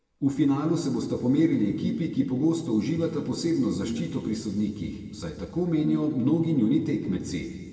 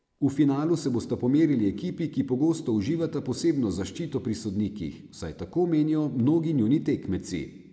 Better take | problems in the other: second | background sound (Brass instrument); 11 dB below the speech // room echo; dies away in 1.9 s

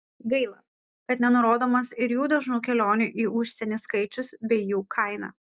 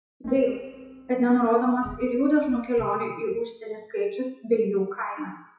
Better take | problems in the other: first | noise reduction (classical method WPE with log-MMSE)

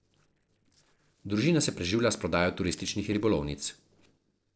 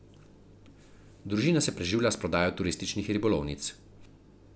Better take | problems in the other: second | noise reduction (neural separator model SepFormer DNS4)

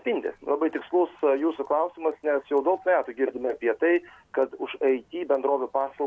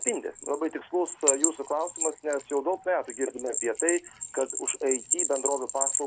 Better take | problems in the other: first | background sound (Bell); as loud as the speech

